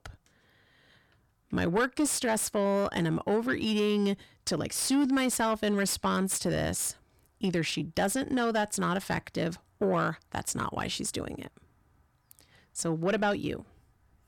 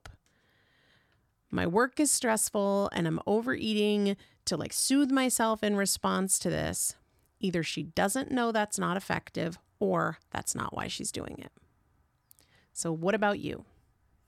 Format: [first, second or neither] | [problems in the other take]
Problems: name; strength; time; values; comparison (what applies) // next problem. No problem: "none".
second | distortion; slight; 10 dB below the speech